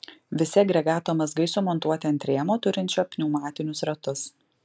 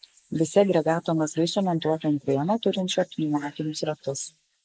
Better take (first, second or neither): first